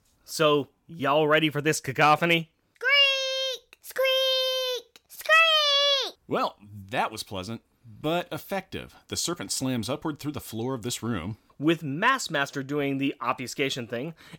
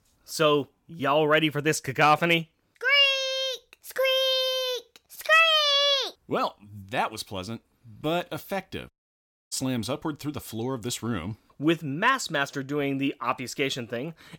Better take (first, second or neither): first